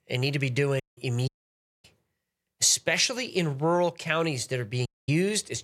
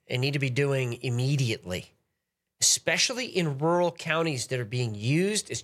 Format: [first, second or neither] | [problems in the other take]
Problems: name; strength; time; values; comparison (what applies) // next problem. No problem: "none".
second | audio cutting out; at 1 s, at 1.5 s for 0.5 s and at 5 s